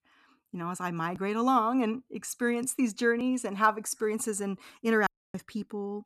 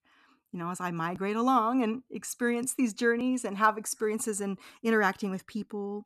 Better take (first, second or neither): second